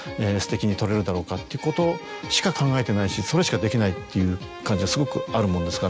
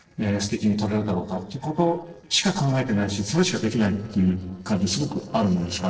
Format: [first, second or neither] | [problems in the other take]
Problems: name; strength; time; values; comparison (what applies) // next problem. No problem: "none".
first | noise reduction (neural separator model SepFormer DNS4)